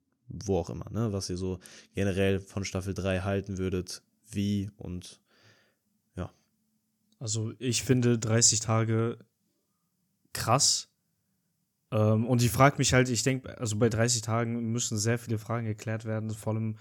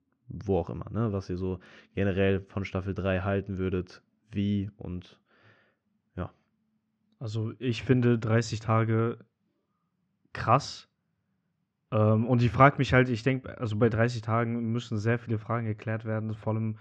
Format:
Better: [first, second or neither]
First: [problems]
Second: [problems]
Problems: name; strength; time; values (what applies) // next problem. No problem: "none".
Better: first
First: none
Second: muffled; very; fading above 3 kHz